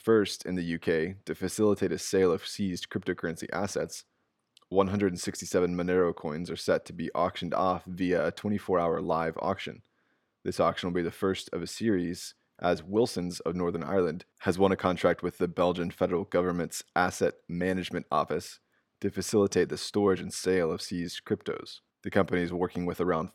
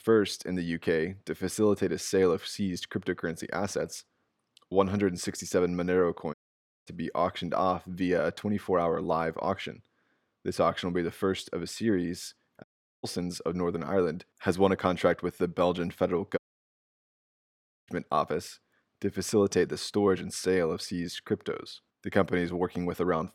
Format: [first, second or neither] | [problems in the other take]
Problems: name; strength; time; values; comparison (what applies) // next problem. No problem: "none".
first | audio cutting out; at 6.5 s for 0.5 s, at 13 s and at 16 s for 1.5 s